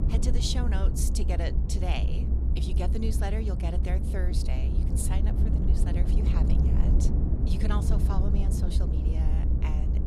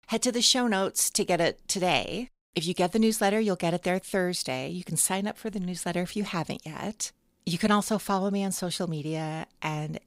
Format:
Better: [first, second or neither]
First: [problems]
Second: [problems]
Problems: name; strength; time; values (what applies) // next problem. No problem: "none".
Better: second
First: low rumble; loud; throughout; 2 dB below the speech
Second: none